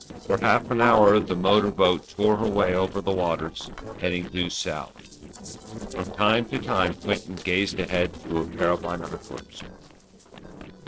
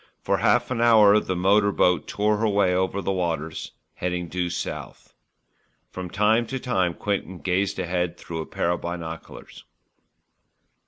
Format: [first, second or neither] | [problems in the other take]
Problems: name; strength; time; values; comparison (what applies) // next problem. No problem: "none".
second | noise reduction (neural separator model SepFormer DNS4)